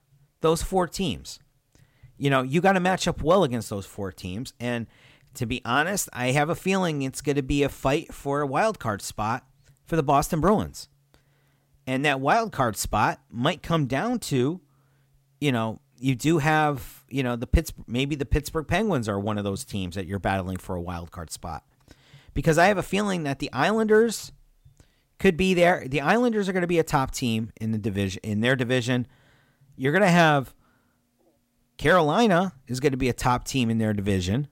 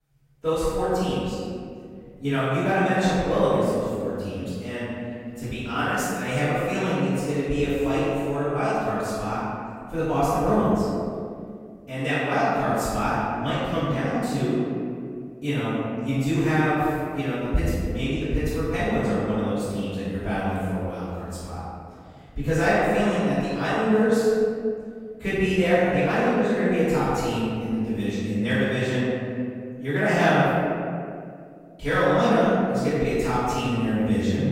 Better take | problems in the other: first | room echo; strong; dies away in 2.2 s // off-mic speech; far

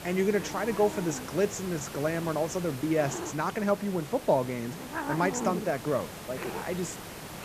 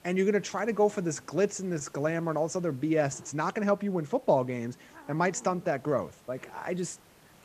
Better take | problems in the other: second | hiss; loud; throughout; 8 dB below the speech; faint in the second

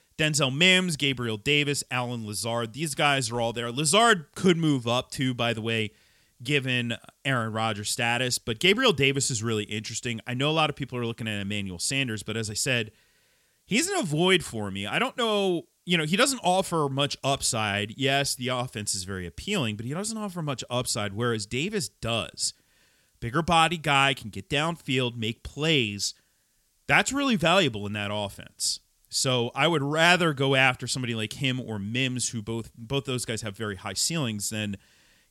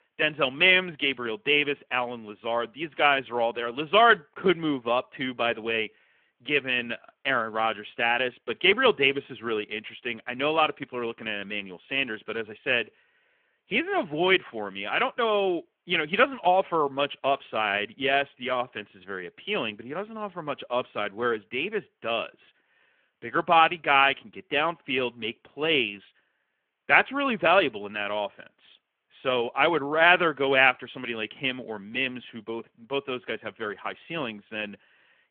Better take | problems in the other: first | phone-call audio; nothing above 3.5 kHz

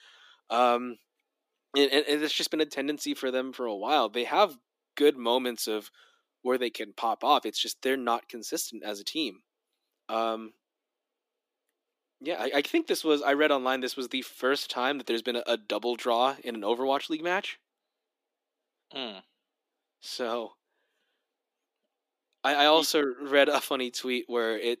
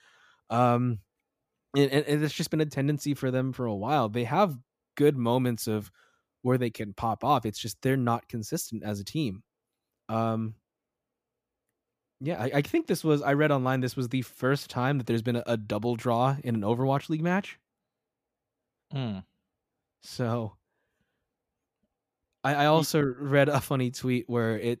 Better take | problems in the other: second | thin; somewhat; fading below 300 Hz

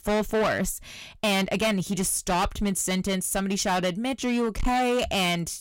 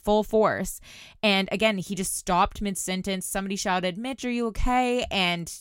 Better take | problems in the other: second | distortion; heavy; 17% of the sound clipped

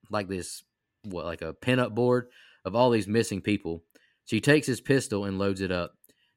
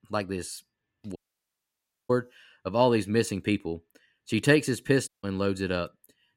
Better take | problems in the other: first | audio cutting out; at 1 s for 1 s and at 5 s

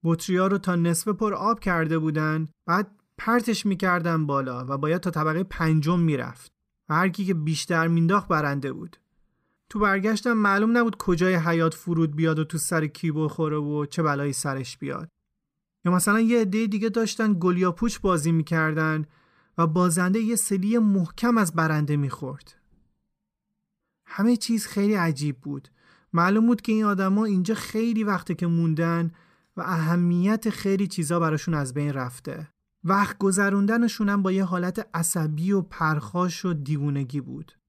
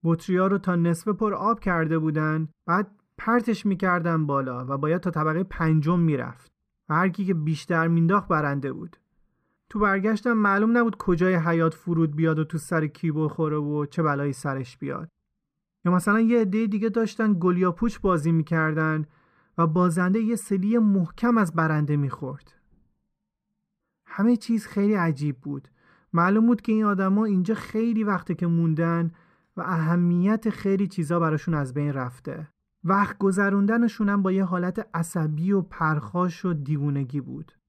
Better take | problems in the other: first | muffled; slightly; fading above 3 kHz

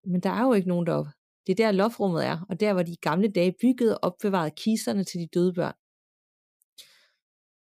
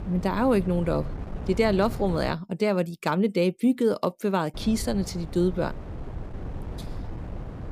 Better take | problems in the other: first | wind noise on the microphone; occasional gusts; until 2.5 s and from 4.5 s on; 15 dB below the speech

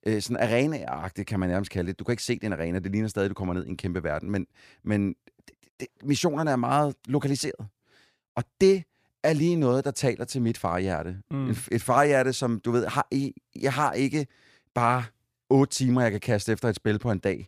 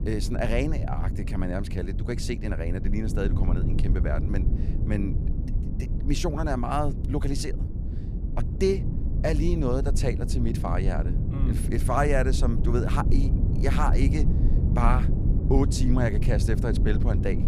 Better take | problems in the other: first | low rumble; loud; throughout; 8 dB below the speech

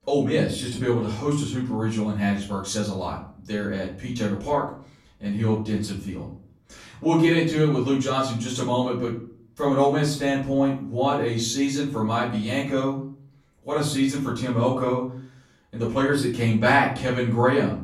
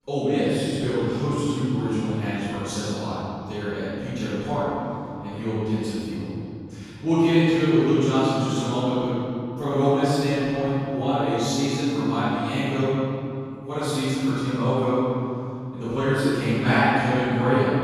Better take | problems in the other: first | room echo; strong; dies away in 2.9 s; slight in the first // off-mic speech; far; far in the first

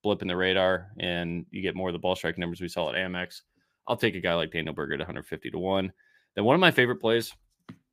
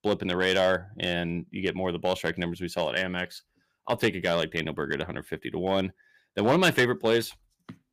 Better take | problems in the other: first | distortion; slight; 1.5% of the sound clipped

